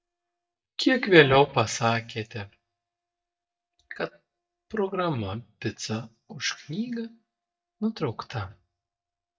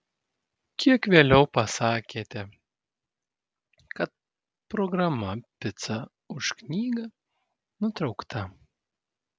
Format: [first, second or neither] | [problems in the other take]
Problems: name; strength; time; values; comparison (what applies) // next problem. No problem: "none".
second | noise reduction (neural mask model DeepFilterNet 3)